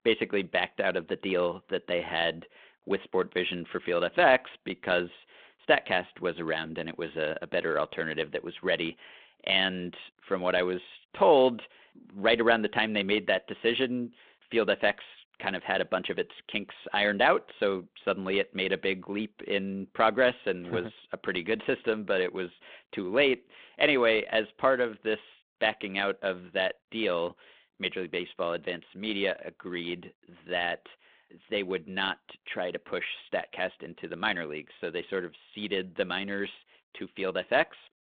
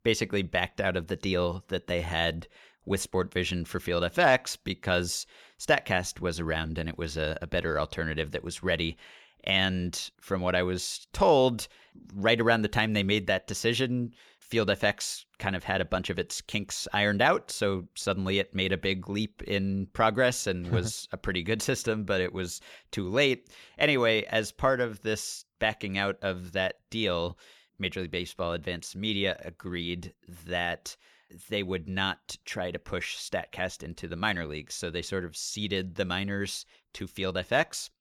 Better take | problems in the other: second | phone-call audio

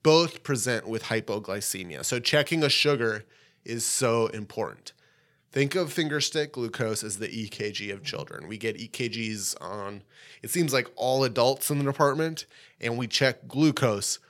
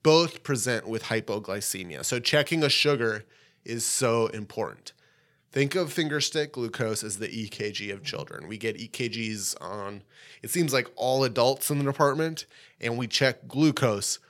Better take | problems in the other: neither | none

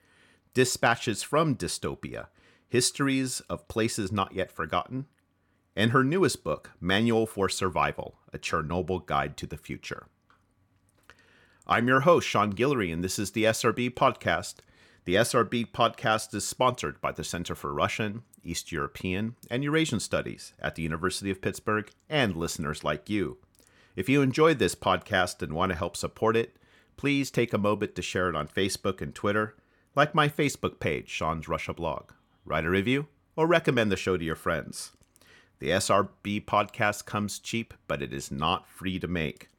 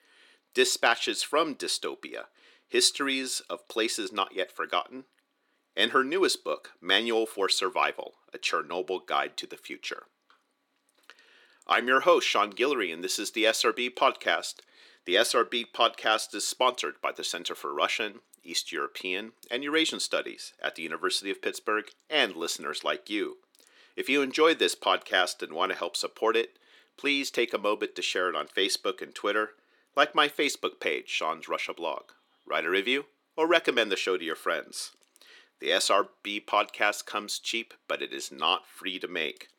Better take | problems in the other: first | thin; somewhat; fading below 350 Hz

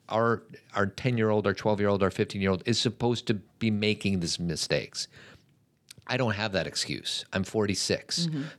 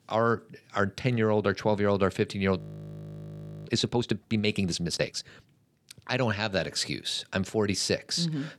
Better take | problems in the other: first | audio freezing; at 2.5 s for 1 s

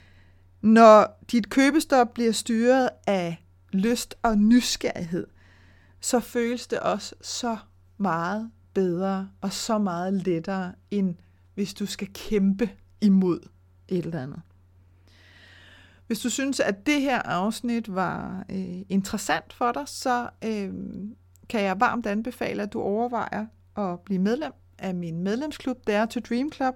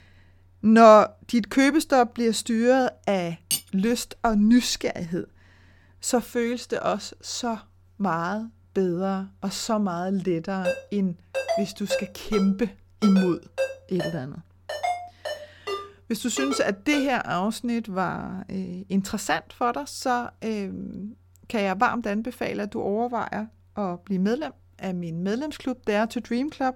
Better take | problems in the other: first | clattering dishes; noticeable; at 3.5 s; peak 2 dB below the speech // phone ringing; noticeable; from 11 to 17 s; peak 3 dB below the speech

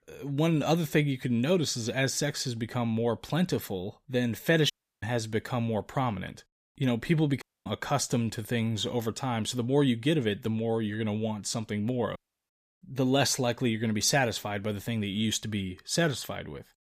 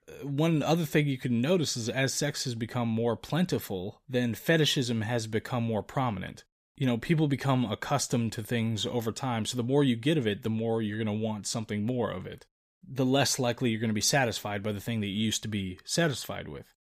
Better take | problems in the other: second | audio cutting out; at 4.5 s, at 7.5 s and at 12 s

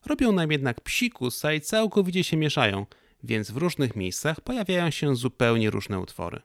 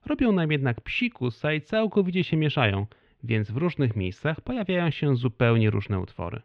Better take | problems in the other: first | muffled; very; fading above 3 kHz

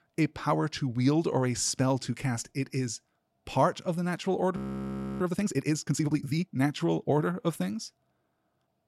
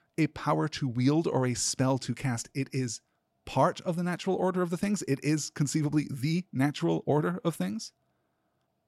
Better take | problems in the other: second | audio freezing; at 4.5 s for 0.5 s

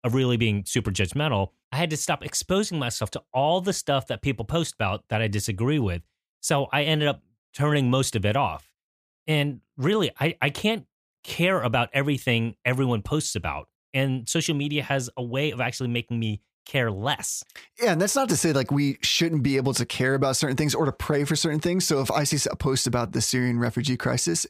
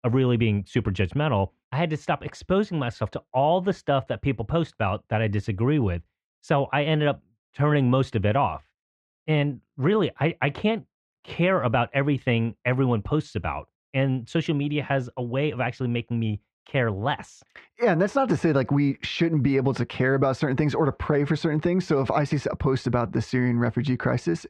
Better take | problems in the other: first | muffled; very; fading above 2 kHz

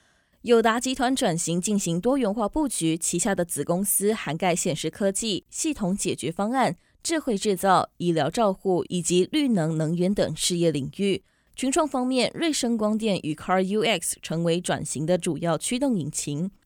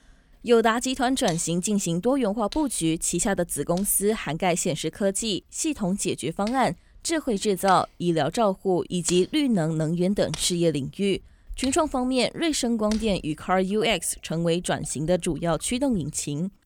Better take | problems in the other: first | household noises; noticeable; throughout; 20 dB below the speech

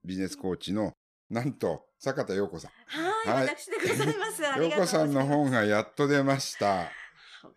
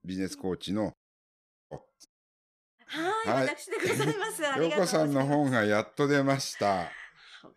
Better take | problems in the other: first | audio cutting out; at 1 s for 0.5 s and at 2 s for 0.5 s

